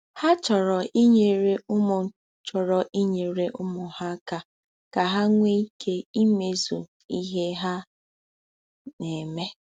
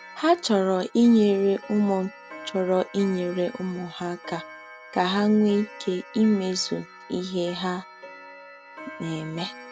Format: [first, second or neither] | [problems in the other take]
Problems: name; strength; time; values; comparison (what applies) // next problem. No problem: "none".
first | background sound (Clock); 18 dB below the speech